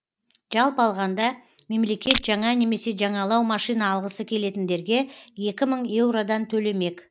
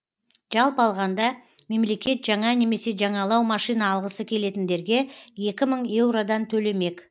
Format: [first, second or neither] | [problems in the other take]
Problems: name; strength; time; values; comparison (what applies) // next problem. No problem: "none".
second | background sound (Crushing); 2 dB below the speech